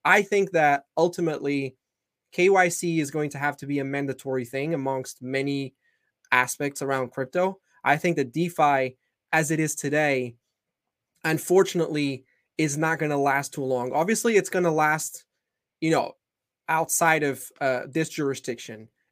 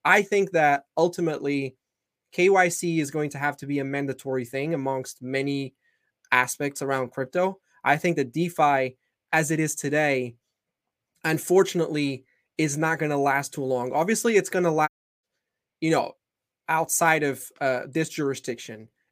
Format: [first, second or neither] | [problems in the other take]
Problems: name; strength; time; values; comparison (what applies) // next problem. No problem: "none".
first | audio cutting out; at 15 s